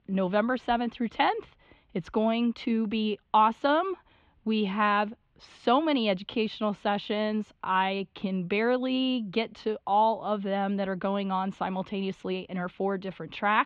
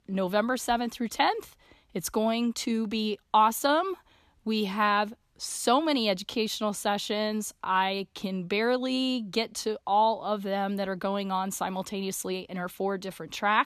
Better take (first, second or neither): second